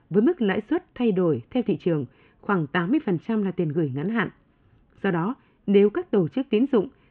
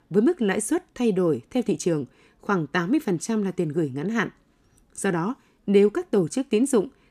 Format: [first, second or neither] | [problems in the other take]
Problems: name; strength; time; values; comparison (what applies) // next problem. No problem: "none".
second | muffled; very; fading above 3 kHz